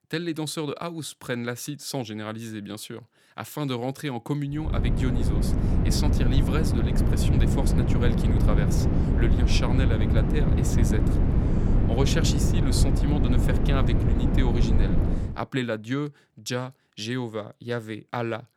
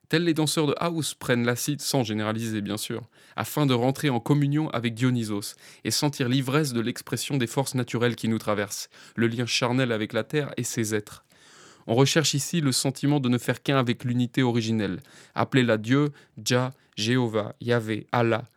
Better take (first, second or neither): second